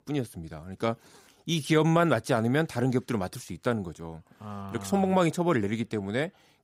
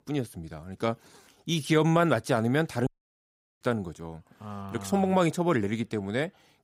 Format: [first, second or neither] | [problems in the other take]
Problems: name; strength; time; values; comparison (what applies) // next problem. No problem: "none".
first | audio cutting out; at 3 s for 0.5 s